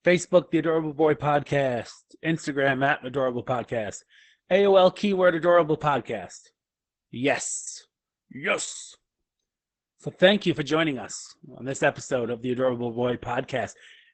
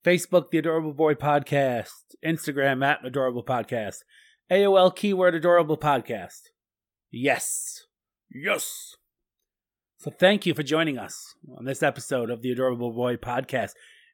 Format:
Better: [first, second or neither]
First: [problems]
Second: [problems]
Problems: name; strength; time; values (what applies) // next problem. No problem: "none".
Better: second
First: garbled, watery; badly; nothing above 8 kHz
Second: none